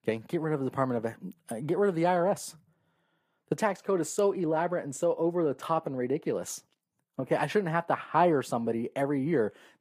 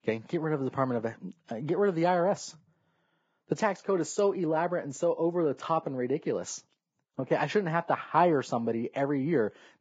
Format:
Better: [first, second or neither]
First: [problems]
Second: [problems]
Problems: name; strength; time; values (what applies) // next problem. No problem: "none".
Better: first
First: garbled, watery; slightly; nothing above 15 kHz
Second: garbled, watery; badly; nothing above 7.5 kHz